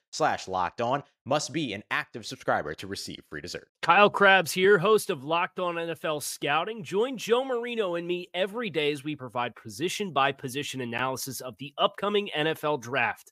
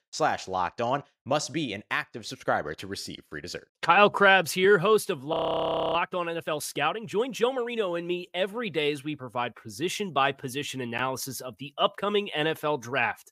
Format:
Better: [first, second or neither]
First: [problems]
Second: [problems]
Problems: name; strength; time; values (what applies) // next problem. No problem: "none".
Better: first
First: none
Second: audio freezing; at 5.5 s for 0.5 s